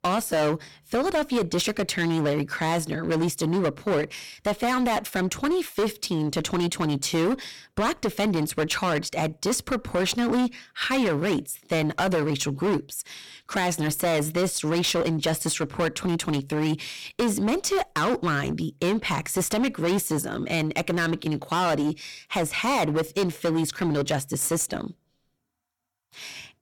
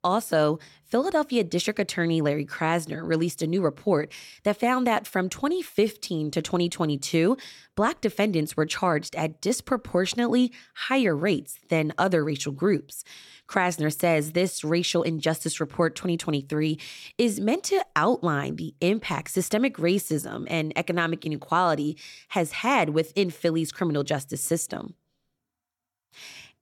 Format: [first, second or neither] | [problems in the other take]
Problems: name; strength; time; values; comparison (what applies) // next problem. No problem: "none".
second | distortion; heavy; 17% of the sound clipped